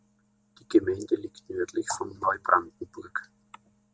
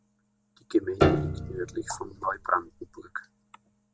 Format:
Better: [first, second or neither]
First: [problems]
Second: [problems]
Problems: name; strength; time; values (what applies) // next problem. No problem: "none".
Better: first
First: none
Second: background sound (Piano); 4 dB above the speech